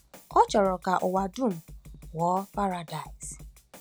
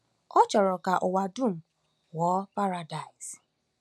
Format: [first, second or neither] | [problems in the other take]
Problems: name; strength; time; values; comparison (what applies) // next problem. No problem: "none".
second | background sound (Drum kit); 19 dB below the speech